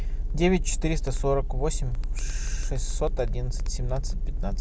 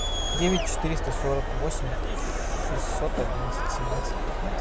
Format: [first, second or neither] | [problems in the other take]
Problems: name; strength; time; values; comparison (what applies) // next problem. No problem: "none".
first | background sound (Crowd); 5 dB below the speech